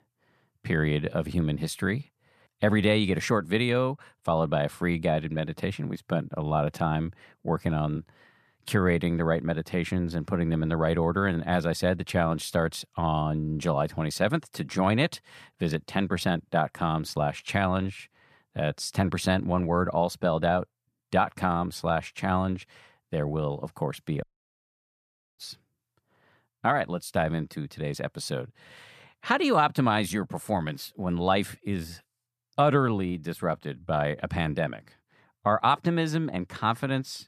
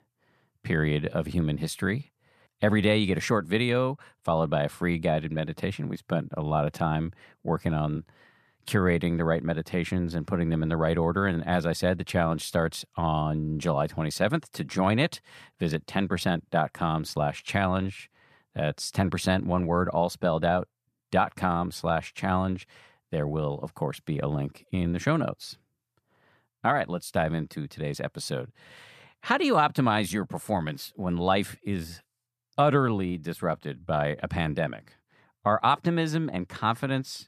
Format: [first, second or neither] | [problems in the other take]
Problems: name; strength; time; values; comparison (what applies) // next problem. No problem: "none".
second | audio cutting out; at 24 s for 1 s